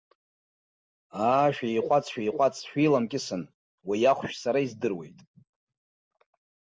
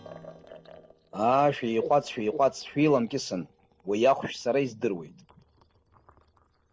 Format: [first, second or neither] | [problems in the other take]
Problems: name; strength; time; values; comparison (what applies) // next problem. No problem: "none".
first | noise reduction (neural separator model SepFormer DNS4)